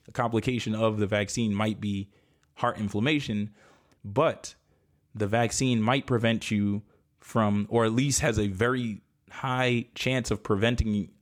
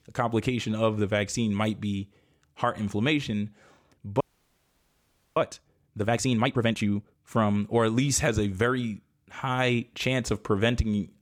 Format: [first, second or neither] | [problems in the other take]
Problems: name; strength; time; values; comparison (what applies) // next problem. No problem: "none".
first | audio freezing; at 4 s for 1 s